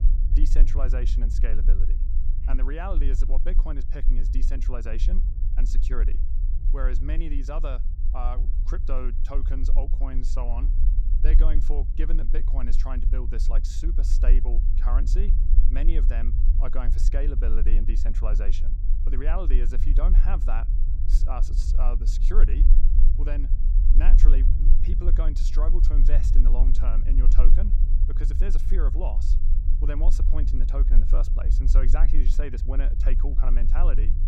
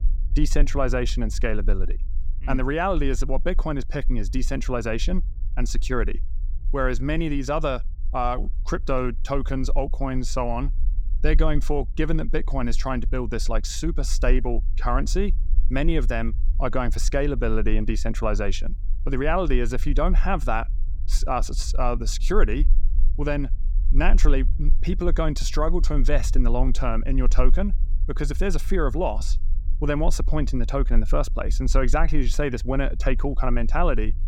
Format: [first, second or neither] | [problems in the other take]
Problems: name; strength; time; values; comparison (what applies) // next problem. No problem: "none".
second | low rumble; loud; throughout; 8 dB below the speech; faint in the second